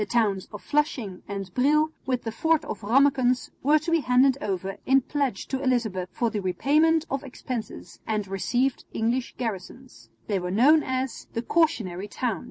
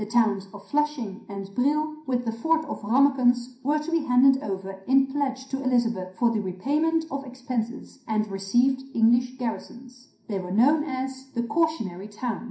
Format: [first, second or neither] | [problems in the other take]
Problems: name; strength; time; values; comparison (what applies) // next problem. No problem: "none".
first | room echo; dies away in 0.5 s